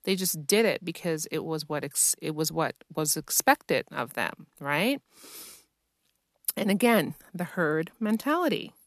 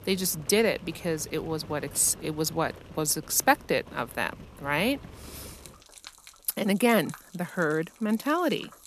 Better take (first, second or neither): first